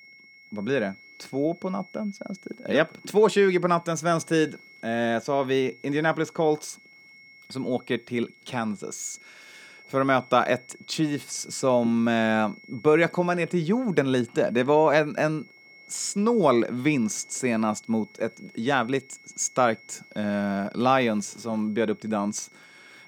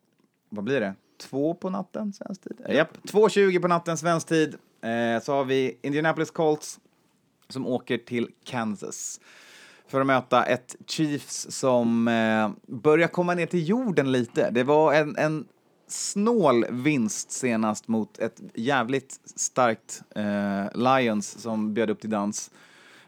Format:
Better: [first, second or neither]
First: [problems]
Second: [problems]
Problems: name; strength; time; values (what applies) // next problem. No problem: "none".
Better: second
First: high-pitched whine; faint; throughout; 2 kHz, 25 dB below the speech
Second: none